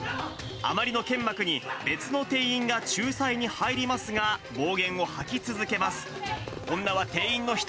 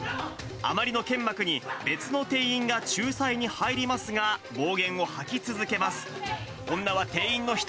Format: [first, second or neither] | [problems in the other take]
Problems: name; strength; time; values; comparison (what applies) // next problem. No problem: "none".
second | background sound (Fireworks); 18 dB below the speech